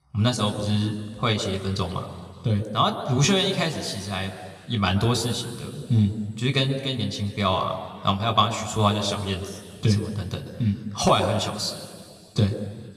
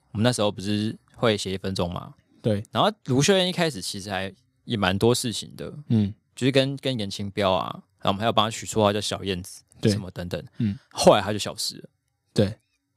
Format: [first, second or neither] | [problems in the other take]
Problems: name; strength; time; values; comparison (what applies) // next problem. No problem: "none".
second | room echo; noticeable; dies away in 2.2 s // off-mic speech; somewhat distant